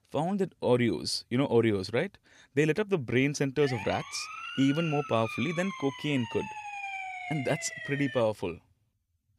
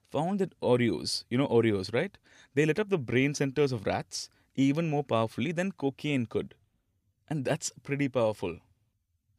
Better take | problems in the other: second | siren; noticeable; from 3.5 to 8 s; peak 6 dB below the speech

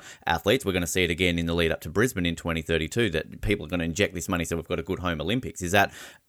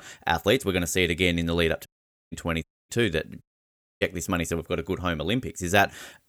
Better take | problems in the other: first | audio cutting out; at 2 s, at 2.5 s and at 3.5 s for 0.5 s

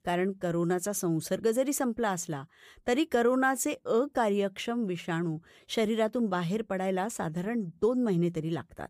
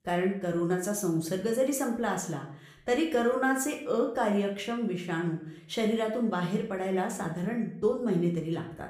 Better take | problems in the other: first | room echo; slight; dies away in 0.5 s // off-mic speech; somewhat distant

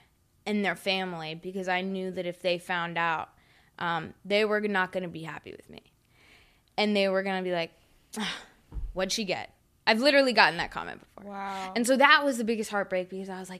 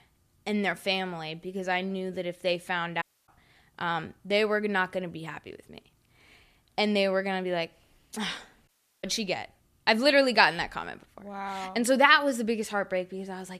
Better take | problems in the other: first | audio cutting out; at 3 s and at 8.5 s

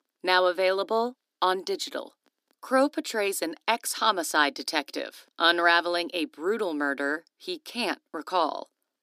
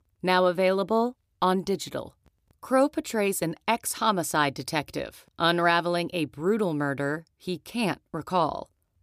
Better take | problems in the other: second | thin; very slightly; fading below 250 Hz

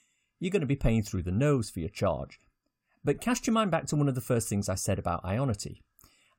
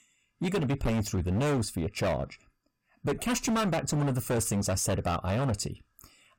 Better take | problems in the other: first | distortion; heavy; 18% of the sound clipped

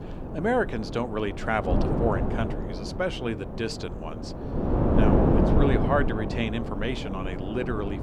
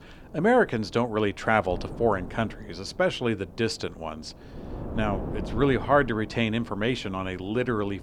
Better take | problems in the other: second | wind noise on the microphone; heavy; 2 dB below the speech; occasional gusts in the second

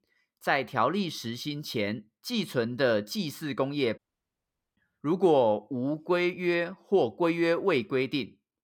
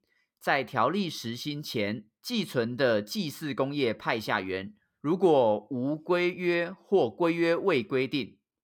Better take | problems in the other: second | audio cutting out; at 4 s for 1 s

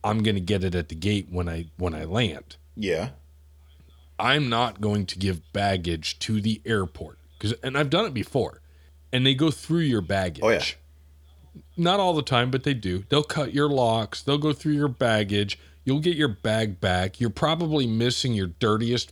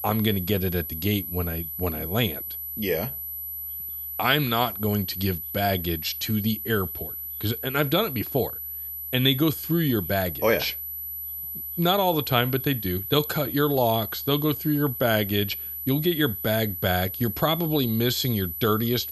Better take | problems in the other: first | high-pitched whine; loud; throughout; 12 kHz, 6 dB below the speech

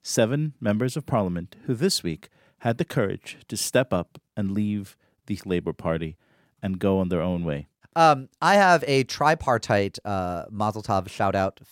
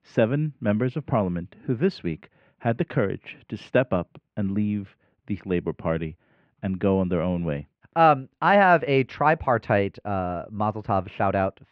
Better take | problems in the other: first | muffled; very; fading above 2.5 kHz

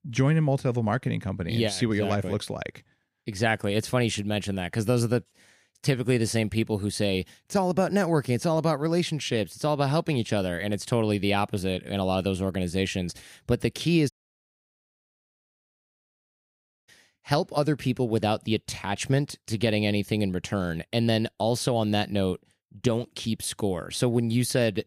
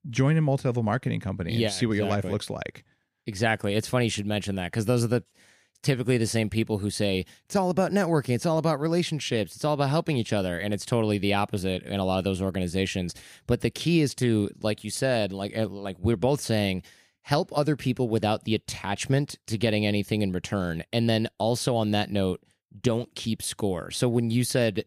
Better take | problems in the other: second | audio cutting out; at 14 s for 3 s

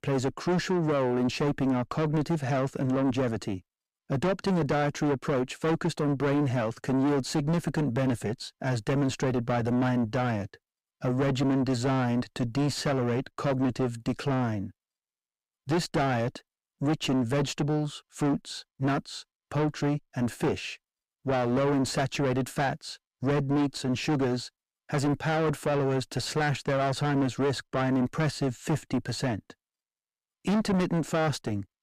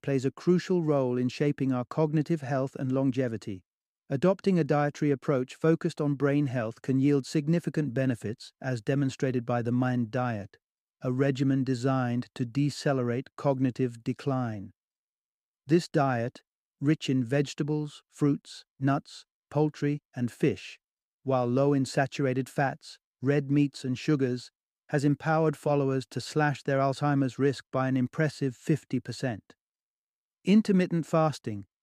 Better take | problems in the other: second | distortion; heavy; 4 dB below the speech

